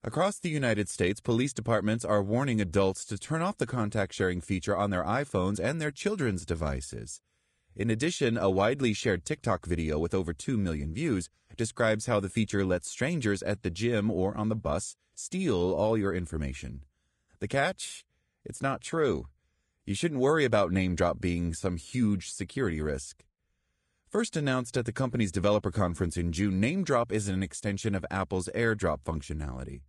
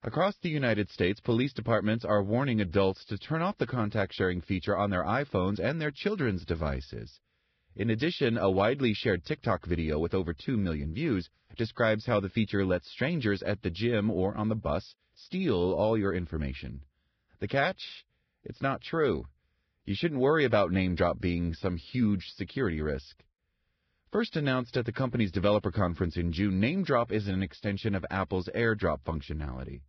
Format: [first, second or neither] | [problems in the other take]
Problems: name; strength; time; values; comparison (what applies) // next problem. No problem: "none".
first | garbled, watery; badly; nothing above 5.5 kHz; slightly in the first